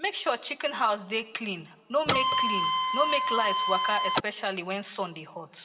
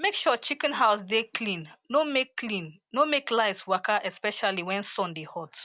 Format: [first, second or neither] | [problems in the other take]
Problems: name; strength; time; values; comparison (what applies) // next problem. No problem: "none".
second | background sound (Printer); 4 dB above the speech // room echo; dies away in 1.3 s